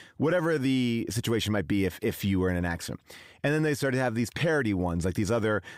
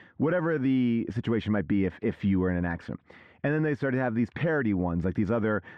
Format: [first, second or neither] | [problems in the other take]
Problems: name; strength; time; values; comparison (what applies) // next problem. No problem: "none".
first | muffled; very; fading above 1.5 kHz